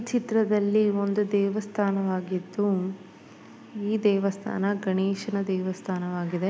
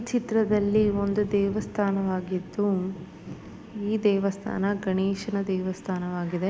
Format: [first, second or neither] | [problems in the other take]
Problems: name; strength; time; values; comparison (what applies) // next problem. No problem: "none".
first | background sound (Thunder); 15 dB below the speech